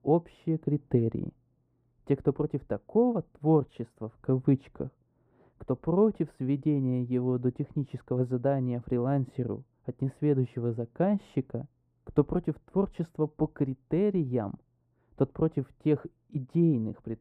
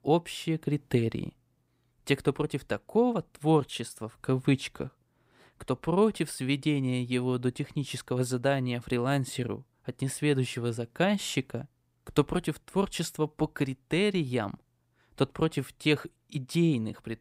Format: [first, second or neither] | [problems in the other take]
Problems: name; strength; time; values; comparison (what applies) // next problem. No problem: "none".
second | muffled; very; fading above 2 kHz